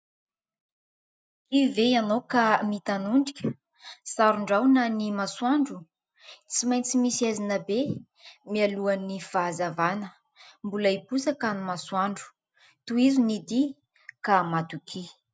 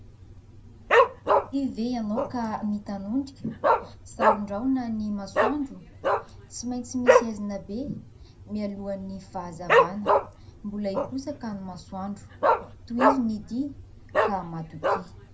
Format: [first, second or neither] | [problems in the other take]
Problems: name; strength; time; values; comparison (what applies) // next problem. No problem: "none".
first | background sound (Dog); 5 dB above the speech // room echo; dies away in 0.2 s